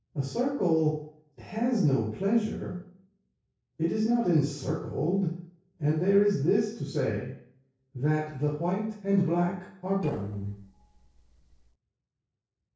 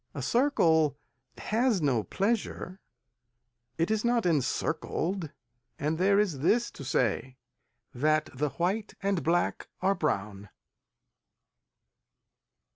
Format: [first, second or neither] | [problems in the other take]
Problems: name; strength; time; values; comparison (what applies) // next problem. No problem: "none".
second | noise reduction (neural separator model SepFormer DNS4)